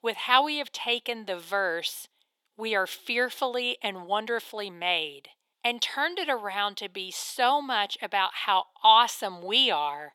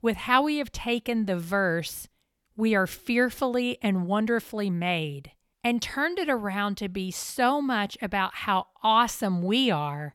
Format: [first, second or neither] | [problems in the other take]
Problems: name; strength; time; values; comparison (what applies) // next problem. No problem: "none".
second | thin; very; fading below 400 Hz